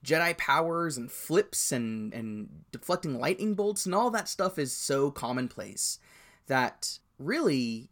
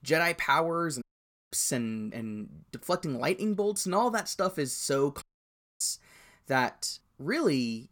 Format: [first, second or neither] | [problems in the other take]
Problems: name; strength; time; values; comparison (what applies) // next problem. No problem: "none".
first | audio cutting out; at 1 s and at 5 s for 0.5 s